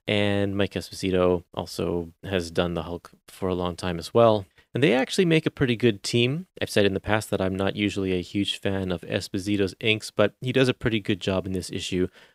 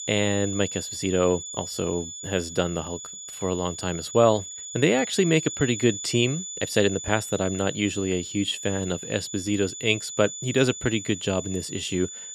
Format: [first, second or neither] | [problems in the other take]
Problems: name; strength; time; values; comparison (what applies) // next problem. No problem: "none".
first | high-pitched whine; loud; throughout; 7 kHz, 8 dB below the speech